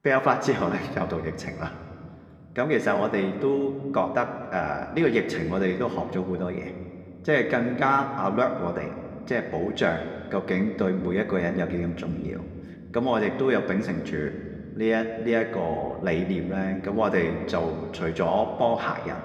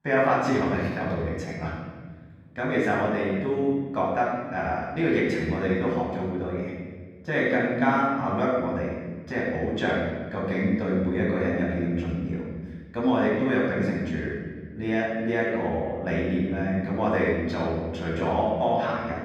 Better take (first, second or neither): first